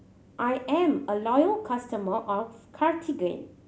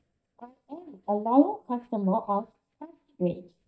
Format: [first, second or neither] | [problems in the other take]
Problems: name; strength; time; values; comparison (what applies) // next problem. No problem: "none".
first | noise reduction (neural mask model DeepFilterNet 3)